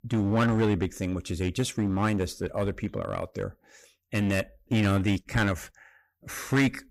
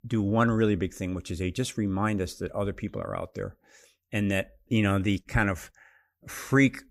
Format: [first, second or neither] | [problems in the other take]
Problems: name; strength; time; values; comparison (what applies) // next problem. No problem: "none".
second | distortion; slight; 7% of the sound clipped